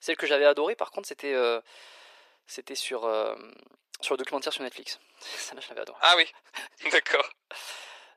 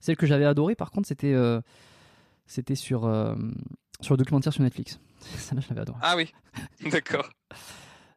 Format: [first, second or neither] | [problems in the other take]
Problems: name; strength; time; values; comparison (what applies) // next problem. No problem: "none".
second | thin; very; fading below 400 Hz